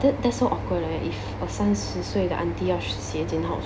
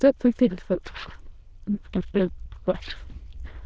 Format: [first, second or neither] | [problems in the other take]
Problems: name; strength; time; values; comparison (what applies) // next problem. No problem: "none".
first | noise reduction (neural diffusion model UNIVERSE++)